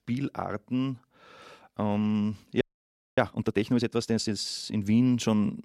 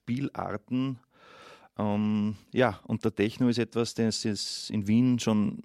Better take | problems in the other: second | audio freezing; at 2.5 s for 0.5 s

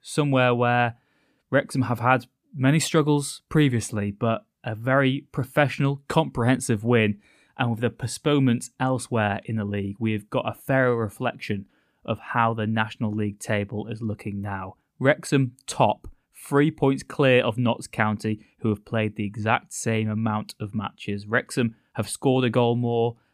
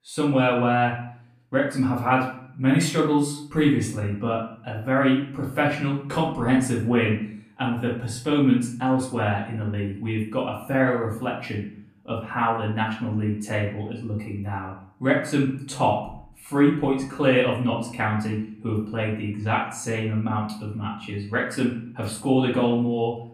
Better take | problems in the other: first | off-mic speech; far // room echo; slight; dies away in 0.5 s

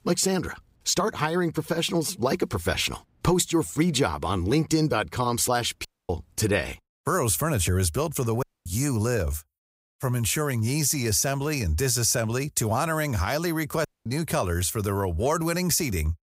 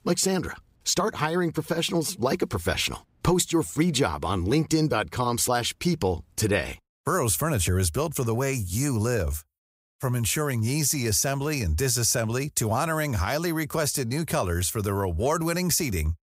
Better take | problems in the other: second | audio cutting out; at 6 s, at 8.5 s and at 14 s

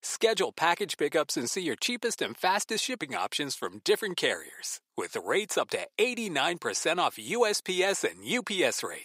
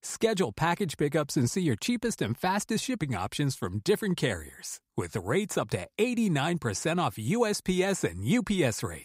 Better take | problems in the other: second | thin; somewhat; fading below 450 Hz

